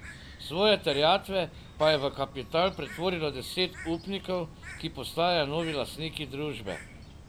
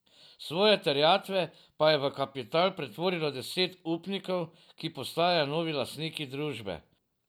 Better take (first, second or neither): second